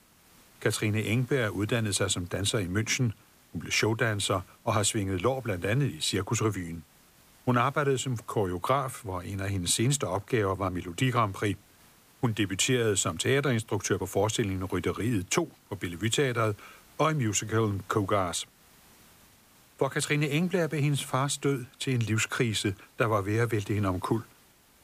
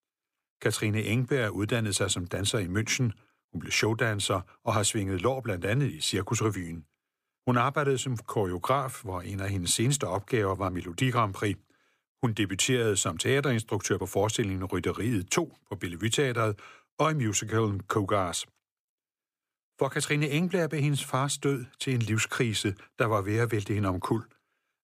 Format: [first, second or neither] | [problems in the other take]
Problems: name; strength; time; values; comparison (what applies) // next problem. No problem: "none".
second | hiss; faint; throughout; 30 dB below the speech